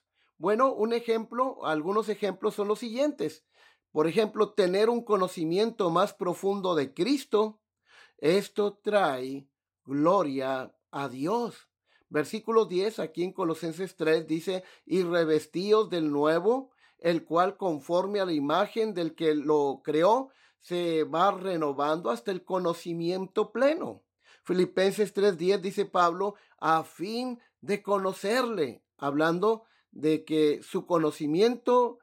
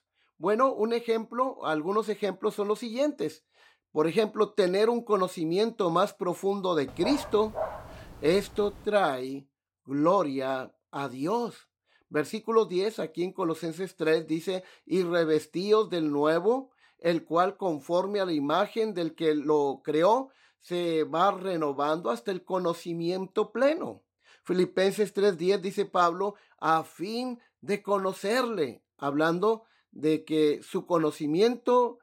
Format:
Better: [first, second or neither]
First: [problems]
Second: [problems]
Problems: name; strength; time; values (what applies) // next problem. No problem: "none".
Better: first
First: none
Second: dog barking; noticeable; from 7 to 9 s; peak 7 dB below the speech